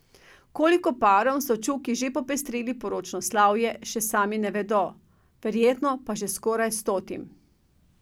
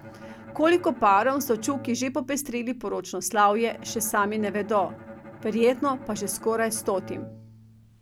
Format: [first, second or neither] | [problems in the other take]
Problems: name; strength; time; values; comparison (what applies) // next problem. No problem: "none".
first | background sound (Bowed string instrument); 17 dB below the speech